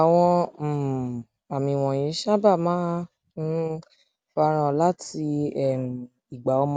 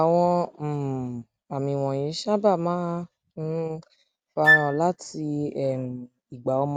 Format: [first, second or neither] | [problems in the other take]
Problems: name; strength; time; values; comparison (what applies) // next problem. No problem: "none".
first | background sound (Wind instrument, woodwind instrument); 4 dB above the speech